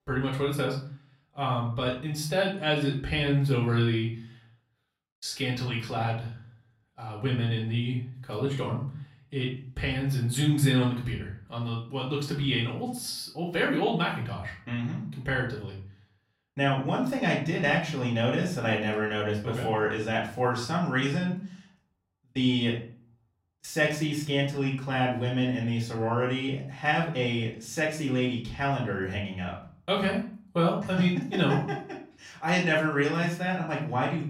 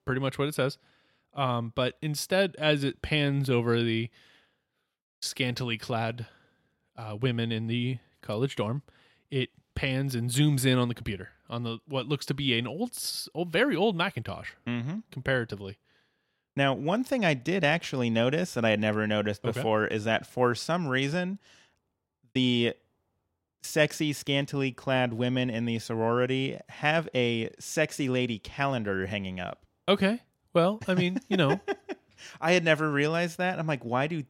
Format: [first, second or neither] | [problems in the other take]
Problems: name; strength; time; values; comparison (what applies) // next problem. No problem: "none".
second | off-mic speech; far // room echo; slight; dies away in 0.4 s